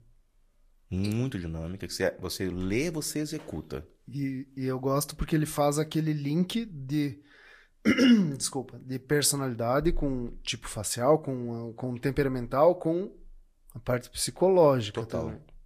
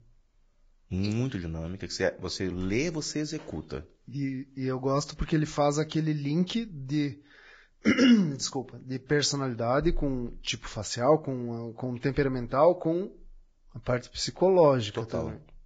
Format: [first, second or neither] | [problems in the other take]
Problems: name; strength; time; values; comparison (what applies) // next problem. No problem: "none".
first | garbled, watery; badly; nothing above 7.5 kHz; slightly in the first